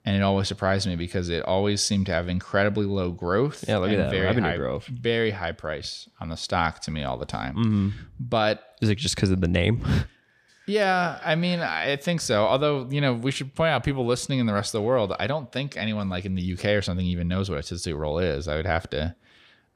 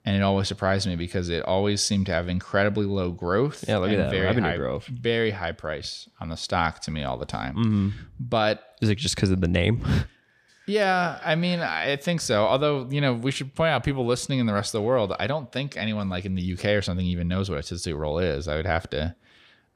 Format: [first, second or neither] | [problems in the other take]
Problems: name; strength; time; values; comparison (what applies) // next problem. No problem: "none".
neither | none